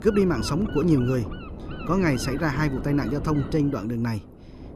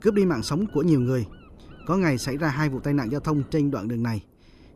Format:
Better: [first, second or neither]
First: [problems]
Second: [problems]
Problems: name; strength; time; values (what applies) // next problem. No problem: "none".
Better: second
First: wind noise on the microphone; heavy; 10 dB below the speech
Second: wind noise on the microphone; occasional gusts; 20 dB below the speech